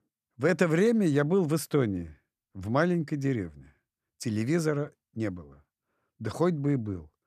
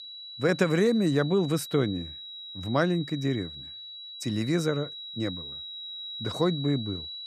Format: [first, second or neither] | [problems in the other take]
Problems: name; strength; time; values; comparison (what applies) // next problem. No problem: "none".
first | high-pitched whine; noticeable; throughout; 4 kHz, 10 dB below the speech